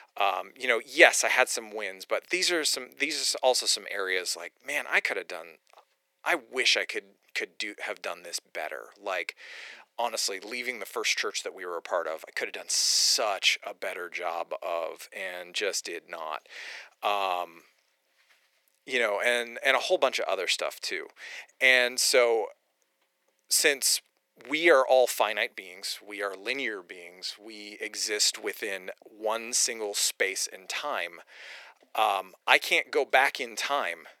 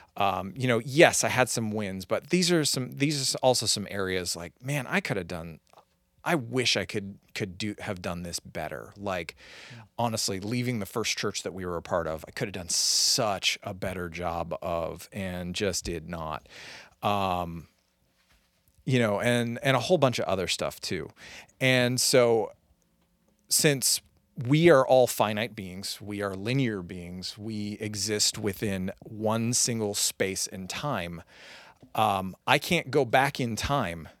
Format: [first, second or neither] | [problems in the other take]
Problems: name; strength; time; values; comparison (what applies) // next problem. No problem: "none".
second | thin; very; fading below 400 Hz